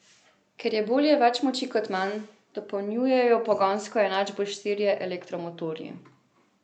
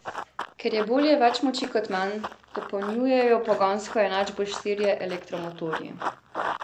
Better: first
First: none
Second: background sound (Run); 11 dB below the speech

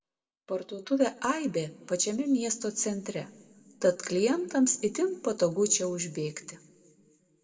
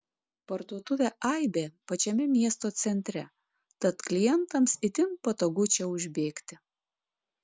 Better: second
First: room echo; dies away in 1.1 s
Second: none

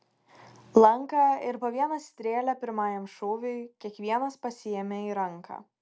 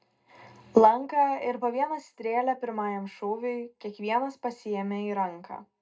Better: first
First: none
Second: room echo; dies away in 0.2 s

